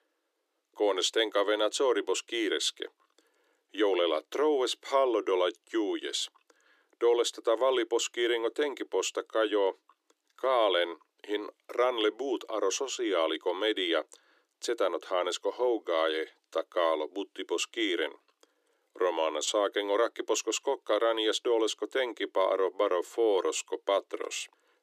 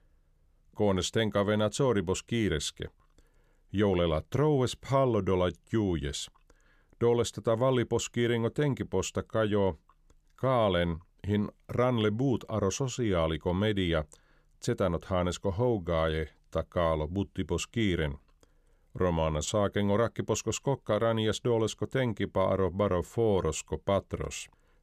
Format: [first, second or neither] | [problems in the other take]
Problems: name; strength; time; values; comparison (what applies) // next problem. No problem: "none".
second | thin; very; fading below 300 Hz